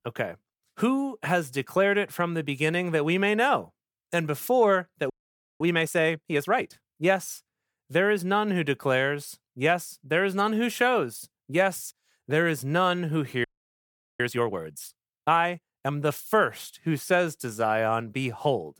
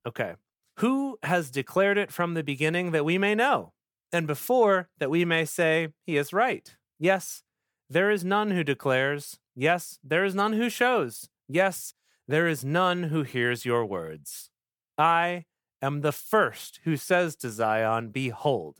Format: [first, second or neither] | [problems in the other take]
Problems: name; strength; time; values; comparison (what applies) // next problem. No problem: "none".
second | audio freezing; at 5 s for 0.5 s and at 13 s for 1 s